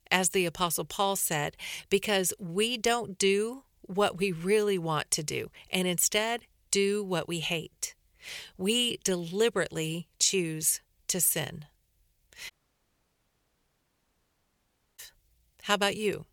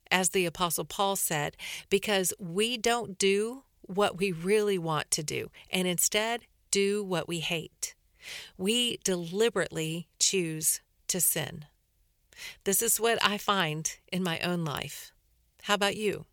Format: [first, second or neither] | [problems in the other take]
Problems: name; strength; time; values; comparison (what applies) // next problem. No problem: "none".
second | audio cutting out; at 13 s for 2.5 s